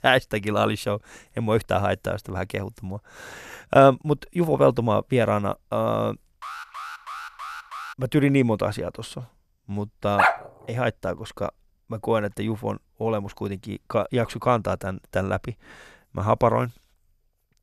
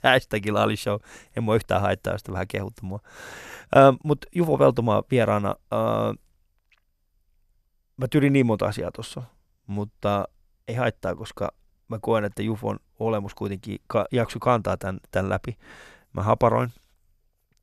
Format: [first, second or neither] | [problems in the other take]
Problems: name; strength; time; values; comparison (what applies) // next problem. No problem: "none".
second | alarm; faint; from 6.5 to 8 s; peak 10 dB below the speech // dog barking; loud; at 10 s; peak 3 dB above the speech